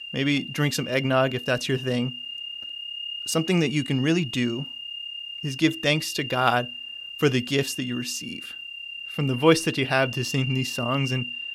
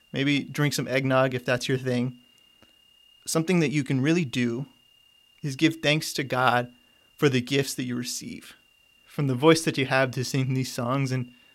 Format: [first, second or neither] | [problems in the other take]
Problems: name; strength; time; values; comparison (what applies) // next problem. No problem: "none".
second | high-pitched whine; loud; throughout; 3 kHz, 8 dB below the speech; faint in the second